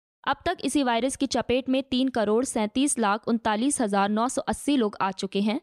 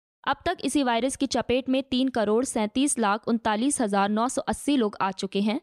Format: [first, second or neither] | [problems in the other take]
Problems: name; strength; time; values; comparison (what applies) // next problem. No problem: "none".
neither | none